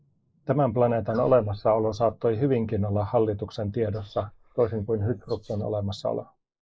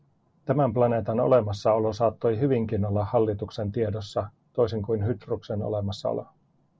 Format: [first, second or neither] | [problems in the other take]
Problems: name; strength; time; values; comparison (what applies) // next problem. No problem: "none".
second | noise reduction (neural mask model Resemble Enhance denoiser)